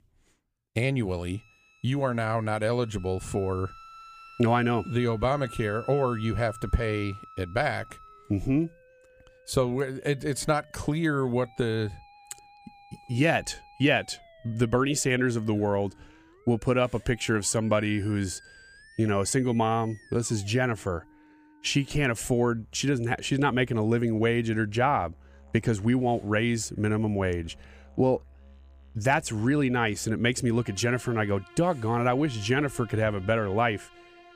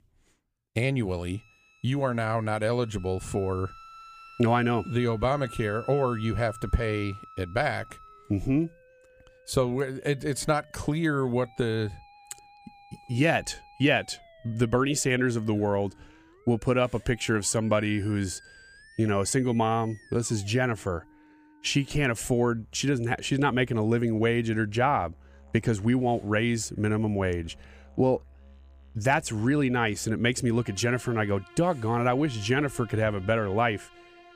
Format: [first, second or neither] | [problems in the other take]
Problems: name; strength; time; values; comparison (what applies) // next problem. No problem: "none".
neither | background music; faint; throughout; 25 dB below the speech; the same in both